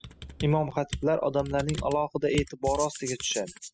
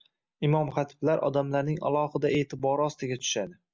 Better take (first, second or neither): second